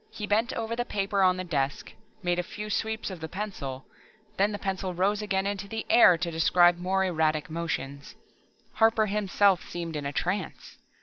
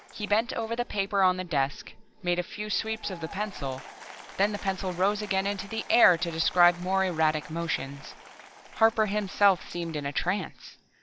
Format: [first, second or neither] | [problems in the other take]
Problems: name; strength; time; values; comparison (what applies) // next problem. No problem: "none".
first | background sound (Applause / Crowd); 19 dB below the speech